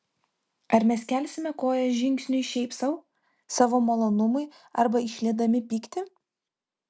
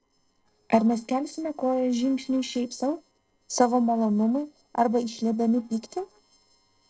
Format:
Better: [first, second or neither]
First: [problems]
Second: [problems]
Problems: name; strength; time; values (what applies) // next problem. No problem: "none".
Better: first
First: none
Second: noise reduction (neural separator model SepFormer DNS4)